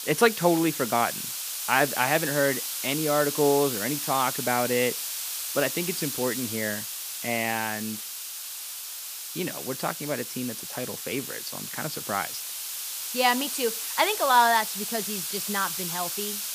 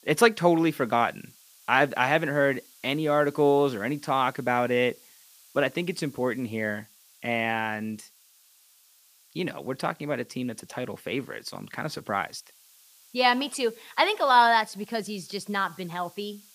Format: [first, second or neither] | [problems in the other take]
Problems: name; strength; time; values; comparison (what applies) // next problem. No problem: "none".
second | hiss; loud; throughout; 4 dB below the speech; faint in the second